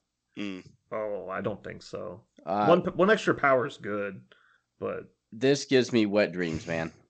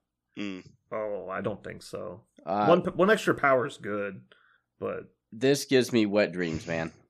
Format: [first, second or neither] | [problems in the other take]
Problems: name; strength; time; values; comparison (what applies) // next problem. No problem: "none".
second | garbled, watery; slightly; nothing above 7.5 kHz